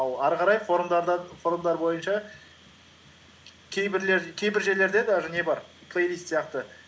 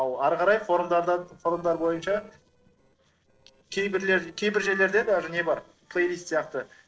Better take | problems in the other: first | noise reduction (neural separator model SepFormer DNS4)

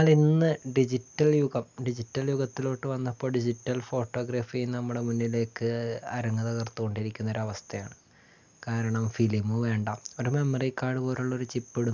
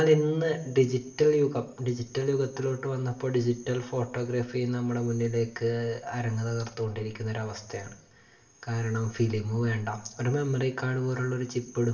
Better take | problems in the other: first | room echo; dies away in 0.6 s

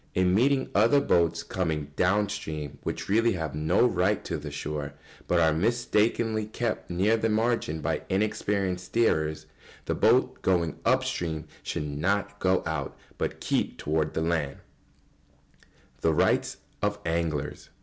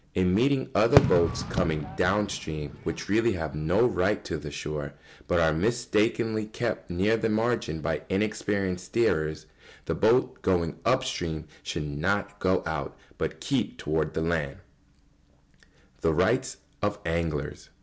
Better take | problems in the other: first | background sound (Fireworks); 4 dB below the speech

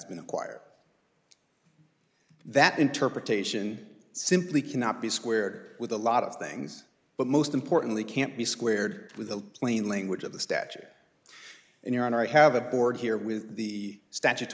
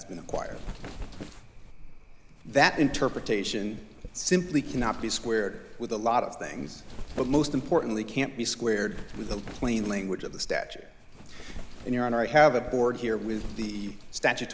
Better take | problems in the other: first | background sound (Wind); 11 dB below the speech

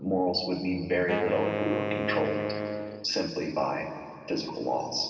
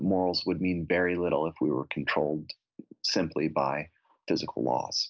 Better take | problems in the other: second | background sound (Wind instrument, woodwind instrument); 5 dB below the speech // room echo; dies away in 2.5 s

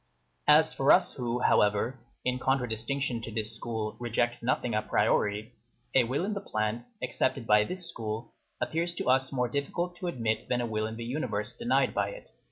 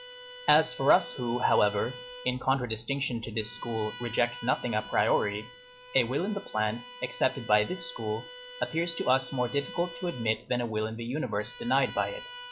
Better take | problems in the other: first | background sound (Bowed string instrument); 16 dB below the speech

